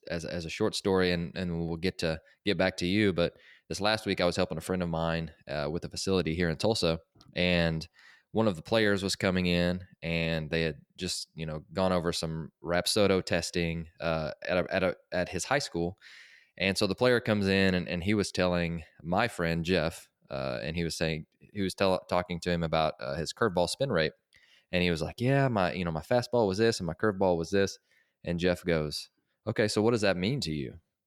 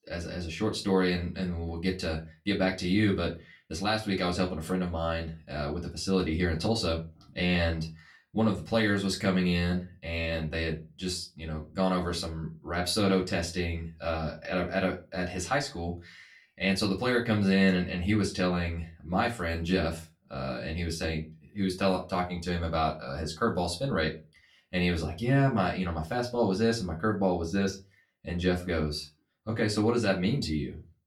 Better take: first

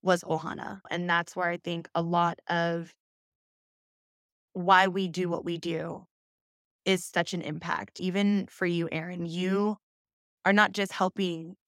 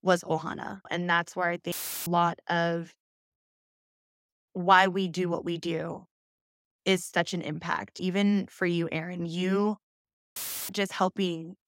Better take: first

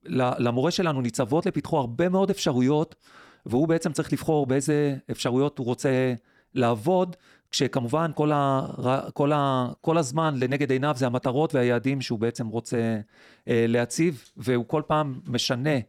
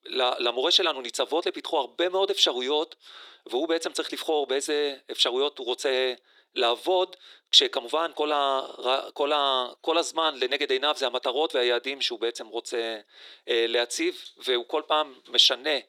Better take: first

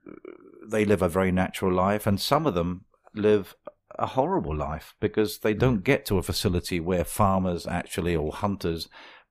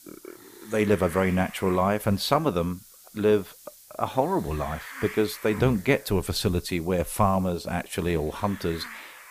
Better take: first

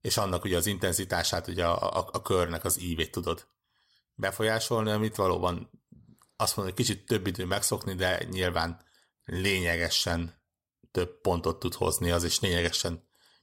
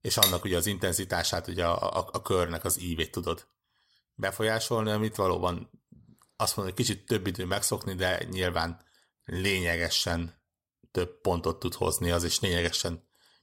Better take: first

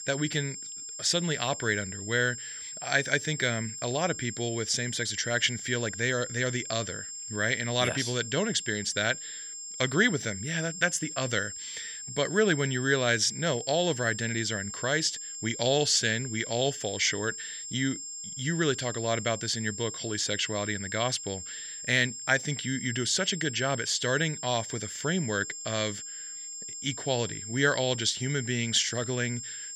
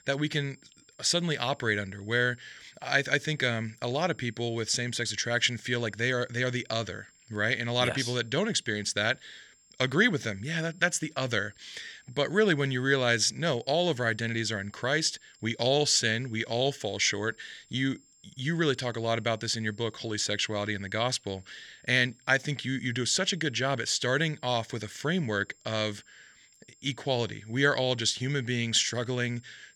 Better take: second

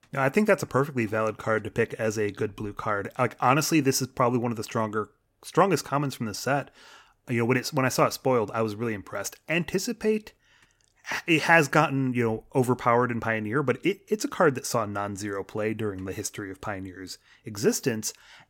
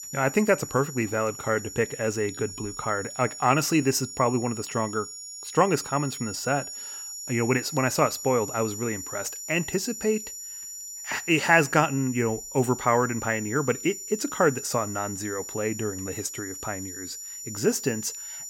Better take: first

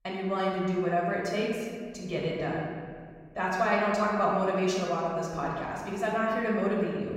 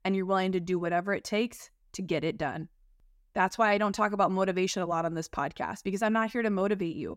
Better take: second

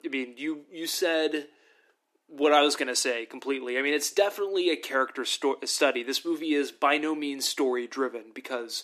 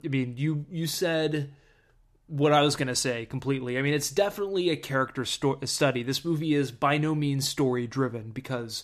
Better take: second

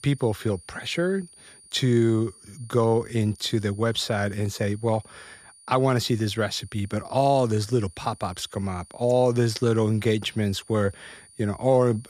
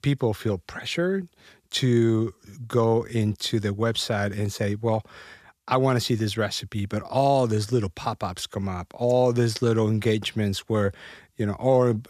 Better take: second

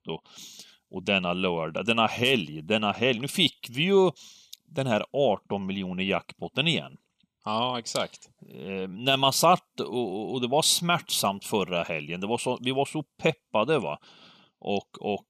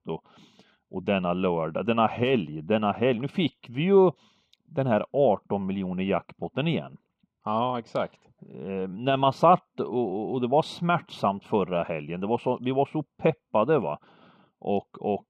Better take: first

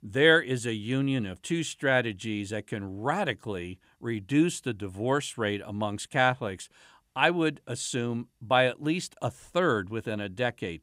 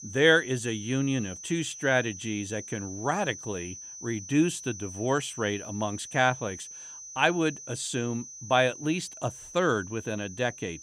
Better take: first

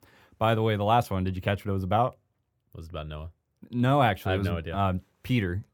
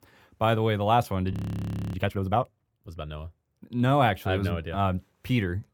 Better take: first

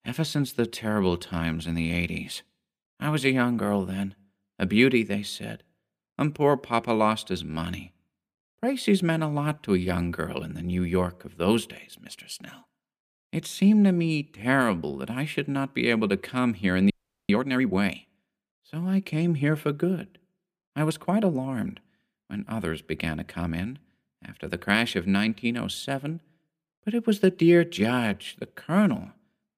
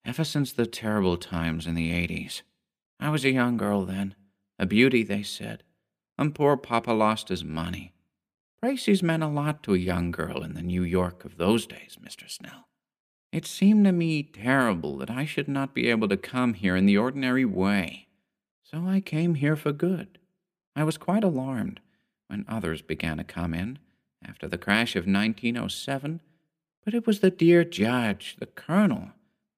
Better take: second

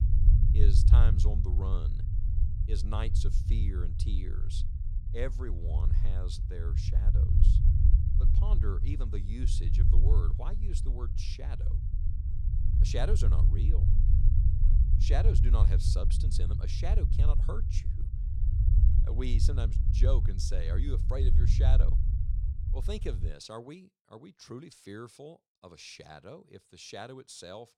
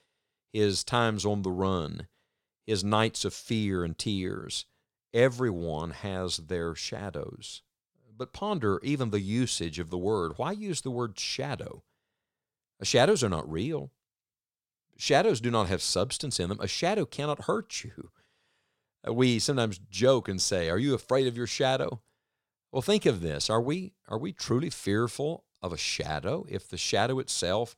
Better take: second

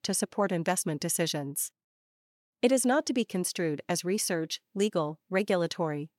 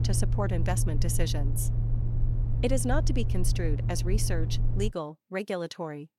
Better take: first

